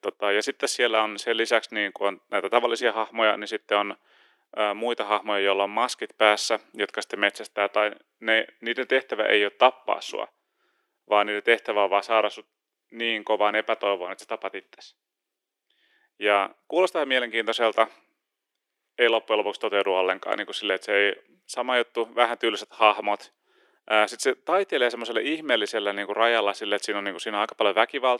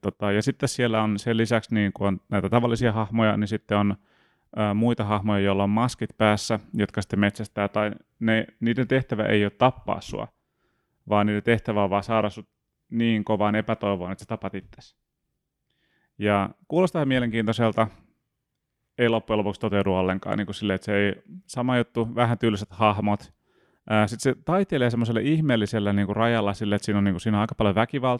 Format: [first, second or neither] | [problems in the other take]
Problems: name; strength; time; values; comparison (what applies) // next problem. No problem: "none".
second | thin; very; fading below 350 Hz